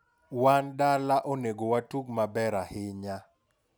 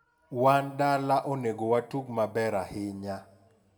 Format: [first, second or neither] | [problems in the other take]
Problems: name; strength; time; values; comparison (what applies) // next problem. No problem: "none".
first | room echo; dies away in 1.1 s